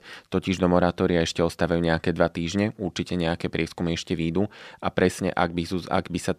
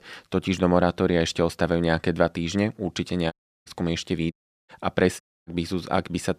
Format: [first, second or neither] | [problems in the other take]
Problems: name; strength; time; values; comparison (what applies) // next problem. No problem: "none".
first | audio cutting out; at 3.5 s, at 4.5 s and at 5 s